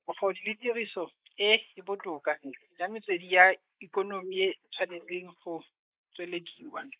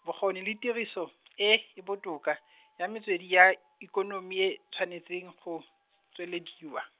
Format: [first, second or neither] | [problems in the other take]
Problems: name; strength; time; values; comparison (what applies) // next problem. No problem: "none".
second | noise reduction (neural mask model Resemble Enhance denoiser)